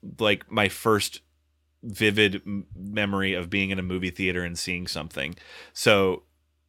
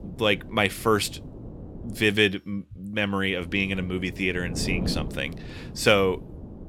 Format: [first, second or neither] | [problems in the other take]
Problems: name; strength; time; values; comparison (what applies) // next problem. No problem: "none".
first | wind noise on the microphone; occasional gusts; until 2 s and from 3.5 s on; 20 dB below the speech